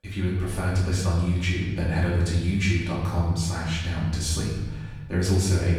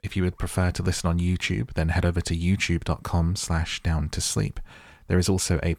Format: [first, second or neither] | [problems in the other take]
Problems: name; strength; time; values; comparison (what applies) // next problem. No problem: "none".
second | off-mic speech; far // room echo; noticeable; dies away in 1.2 s